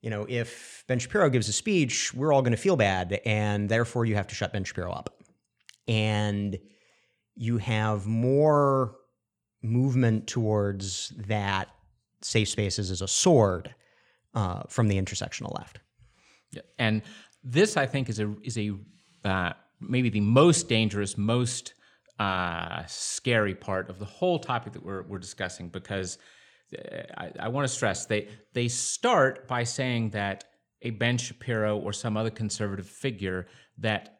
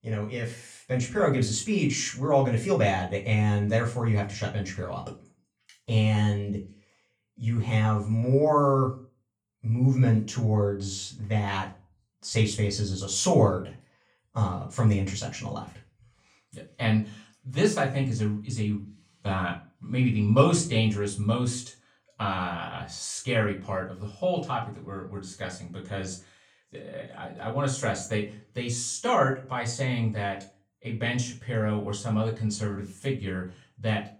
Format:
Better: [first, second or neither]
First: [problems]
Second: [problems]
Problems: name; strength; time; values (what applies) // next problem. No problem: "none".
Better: first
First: none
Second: off-mic speech; far // room echo; slight; dies away in 0.3 s